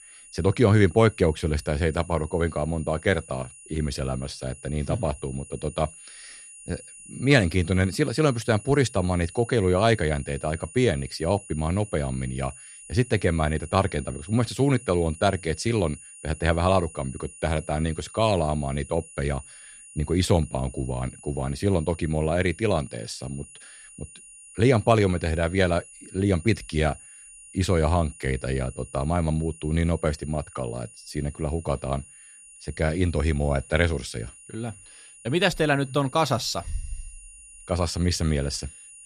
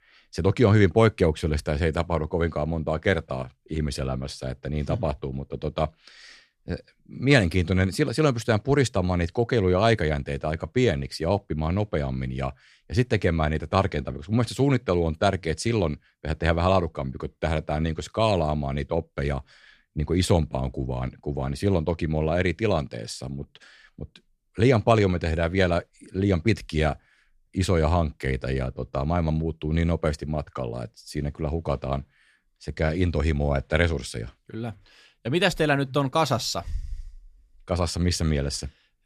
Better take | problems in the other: second | high-pitched whine; noticeable; throughout; 9.5 kHz, 20 dB below the speech

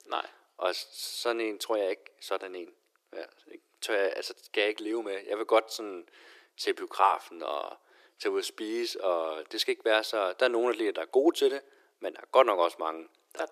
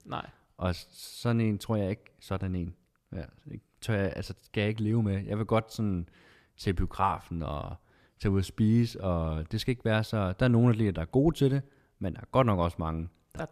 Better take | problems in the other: second | thin; very; fading below 350 Hz

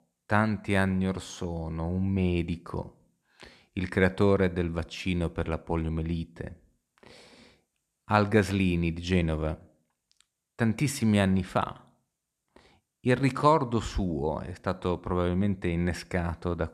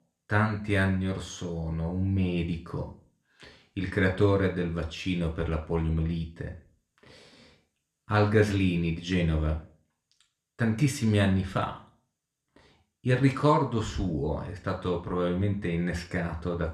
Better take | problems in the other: first | room echo; slight; dies away in 0.4 s // off-mic speech; somewhat distant

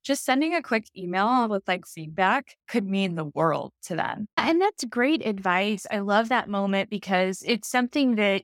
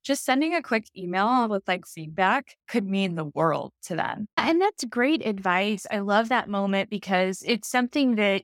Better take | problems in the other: neither | none

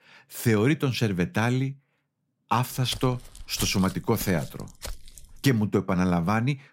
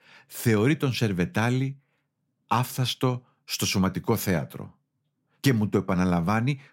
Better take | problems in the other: second | footsteps; faint; from 3 to 5.5 s; peak 10 dB below the speech

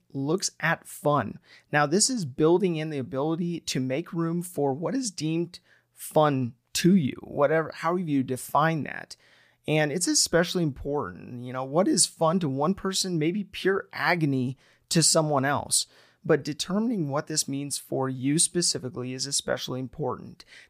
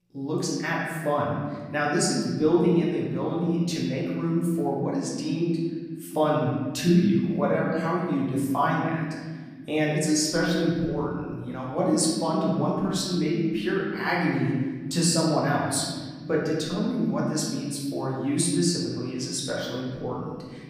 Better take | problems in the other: first | room echo; noticeable; dies away in 1.9 s // off-mic speech; far

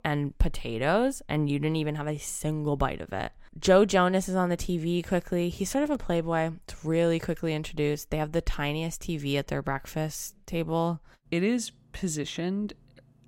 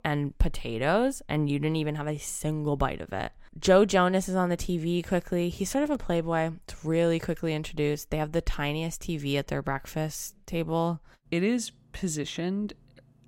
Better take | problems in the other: neither | none

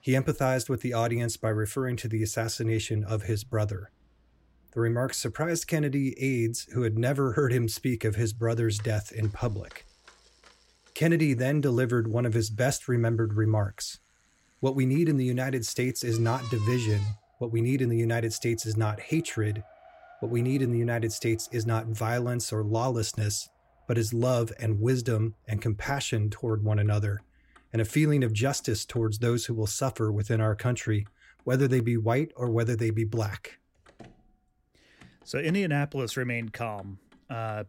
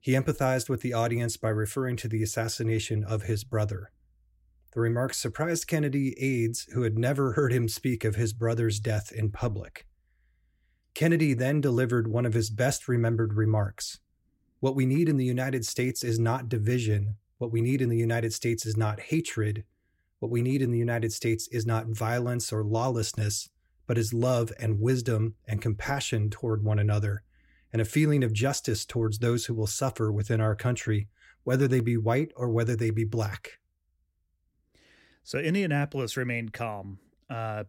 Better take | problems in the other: second | traffic noise; faint; throughout; 25 dB below the speech

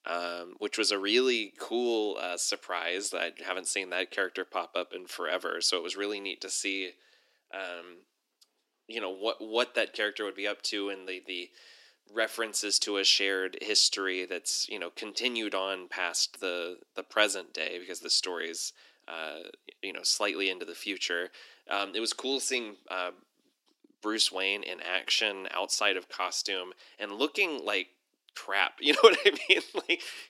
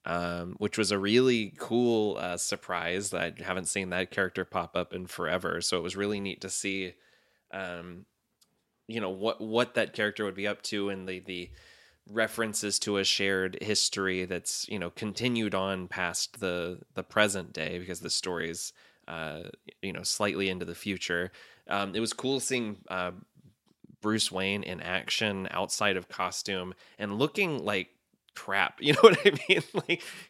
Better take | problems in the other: second | thin; somewhat; fading below 300 Hz

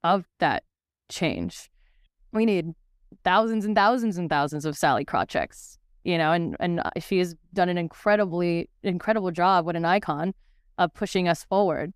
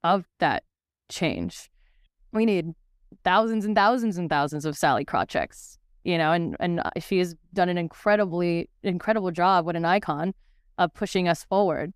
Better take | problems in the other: neither | none

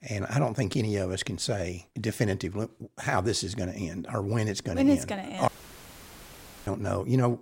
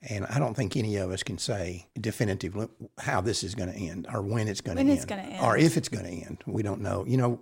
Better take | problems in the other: second | audio cutting out; filled with static; at 5.5 s for 1 s

